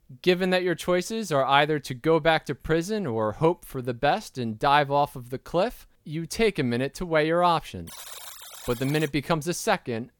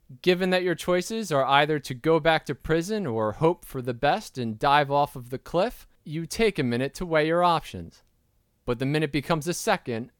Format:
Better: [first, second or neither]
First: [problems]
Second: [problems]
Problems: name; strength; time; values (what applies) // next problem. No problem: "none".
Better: second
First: alarm; faint; from 8 to 9 s; peak 15 dB below the speech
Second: none